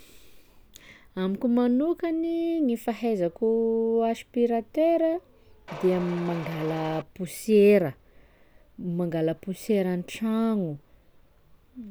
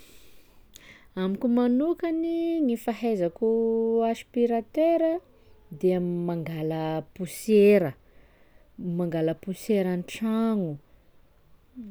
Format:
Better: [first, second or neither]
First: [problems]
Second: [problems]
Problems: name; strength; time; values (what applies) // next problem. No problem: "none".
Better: second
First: background sound (Mechanisms); 12 dB below the speech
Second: none